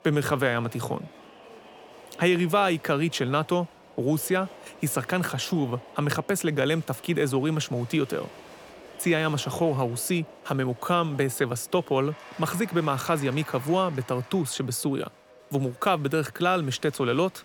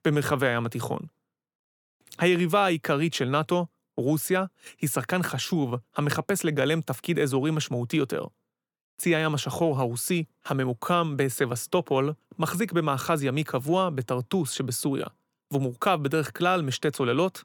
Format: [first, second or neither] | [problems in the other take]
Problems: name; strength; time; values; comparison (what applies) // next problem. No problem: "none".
second | crowd noise; faint; throughout; 20 dB below the speech